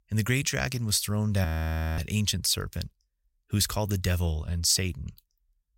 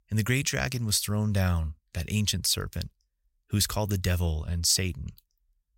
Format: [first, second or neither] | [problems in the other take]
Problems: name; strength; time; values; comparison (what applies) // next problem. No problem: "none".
second | audio freezing; at 1.5 s for 0.5 s